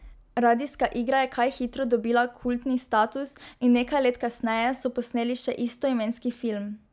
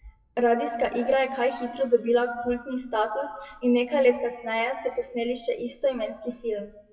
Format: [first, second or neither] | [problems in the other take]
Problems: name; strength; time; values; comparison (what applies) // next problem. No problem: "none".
first | noise reduction (classical method WPE with log-MMSE)